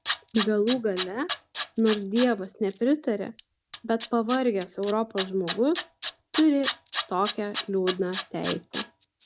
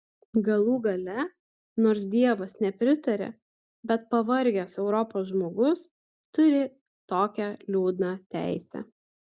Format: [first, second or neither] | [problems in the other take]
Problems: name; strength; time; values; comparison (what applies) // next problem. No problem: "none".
second | background sound (Tools); 10 dB below the speech